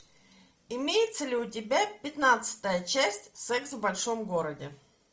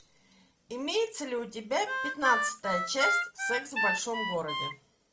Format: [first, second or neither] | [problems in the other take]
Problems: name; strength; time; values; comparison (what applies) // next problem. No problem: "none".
first | background sound (Harmonica); 2 dB above the speech